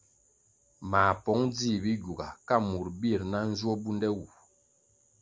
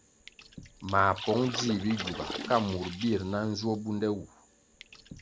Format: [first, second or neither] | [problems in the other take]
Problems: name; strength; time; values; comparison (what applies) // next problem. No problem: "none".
first | background sound (Water / Splash, splatter); 12 dB below the speech